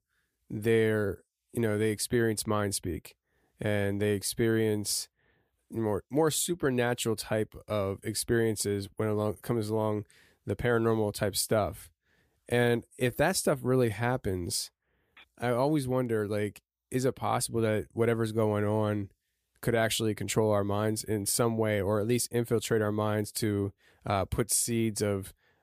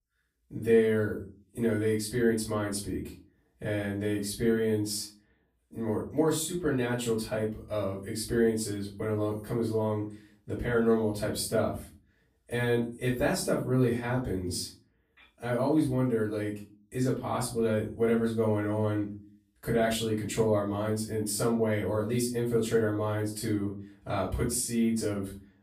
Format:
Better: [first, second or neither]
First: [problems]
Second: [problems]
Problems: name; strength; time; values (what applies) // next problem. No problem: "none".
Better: first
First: none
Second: off-mic speech; far // room echo; slight; dies away in 0.3 s